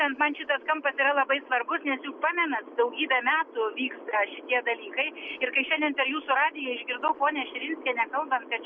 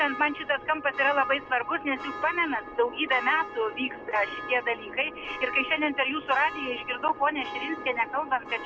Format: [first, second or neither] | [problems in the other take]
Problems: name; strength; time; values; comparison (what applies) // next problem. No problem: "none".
first | background sound (Church bell); 12 dB below the speech